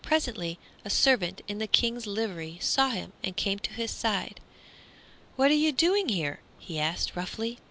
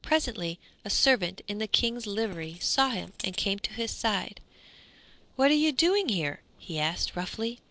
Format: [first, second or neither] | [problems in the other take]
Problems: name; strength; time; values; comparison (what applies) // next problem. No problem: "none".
first | noise reduction (neural separator model SepFormer DNS4)